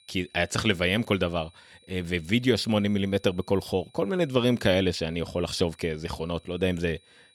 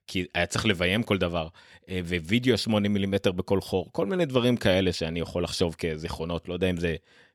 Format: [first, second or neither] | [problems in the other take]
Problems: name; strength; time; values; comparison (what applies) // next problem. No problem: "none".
second | high-pitched whine; faint; throughout; 4 kHz, 30 dB below the speech